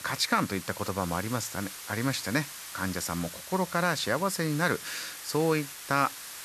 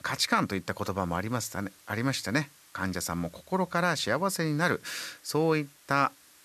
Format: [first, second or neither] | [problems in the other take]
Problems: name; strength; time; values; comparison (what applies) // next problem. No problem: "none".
second | hiss; loud; throughout; 10 dB below the speech; faint in the second